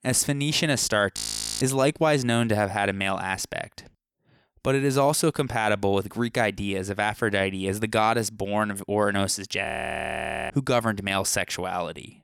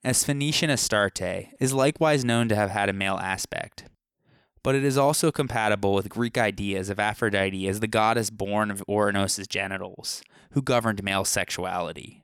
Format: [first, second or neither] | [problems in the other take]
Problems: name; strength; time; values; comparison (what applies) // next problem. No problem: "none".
second | audio freezing; at 1 s and at 9.5 s for 1 s